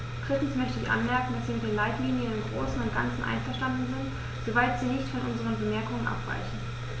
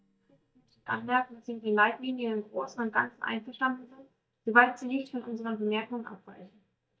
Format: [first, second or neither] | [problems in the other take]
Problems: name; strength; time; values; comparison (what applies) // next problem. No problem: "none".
first | noise reduction (neural mask model DeepFilterNet 3)